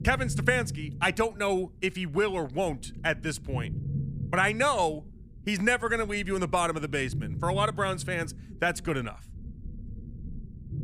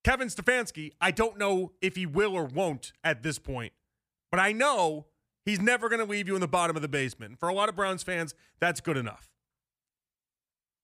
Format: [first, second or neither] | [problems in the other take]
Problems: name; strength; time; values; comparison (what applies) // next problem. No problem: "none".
second | low rumble; faint; throughout; 20 dB below the speech